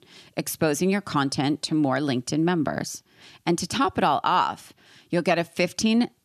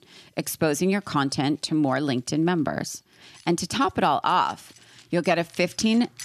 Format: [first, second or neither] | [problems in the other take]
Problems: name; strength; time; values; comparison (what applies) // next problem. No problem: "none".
first | household noises; faint; throughout; 25 dB below the speech